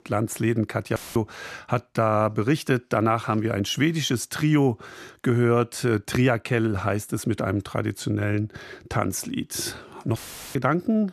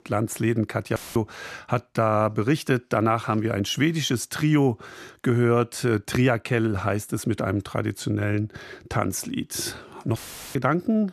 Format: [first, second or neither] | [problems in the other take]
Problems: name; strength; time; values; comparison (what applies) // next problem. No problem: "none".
neither | audio cutting out; filled with static; at 1 s and at 10 s; the same in both